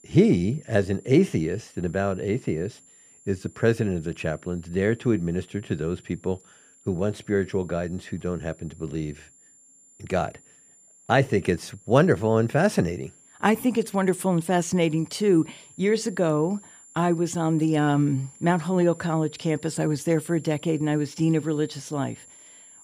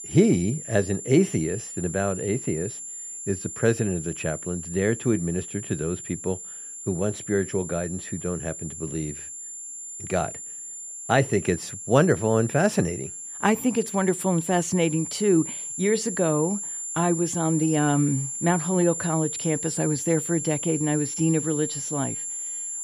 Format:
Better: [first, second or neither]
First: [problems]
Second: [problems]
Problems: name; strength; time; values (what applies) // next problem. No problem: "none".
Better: first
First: high-pitched whine; faint; throughout; 7.5 kHz, 25 dB below the speech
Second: high-pitched whine; loud; throughout; 7.5 kHz, 7 dB below the speech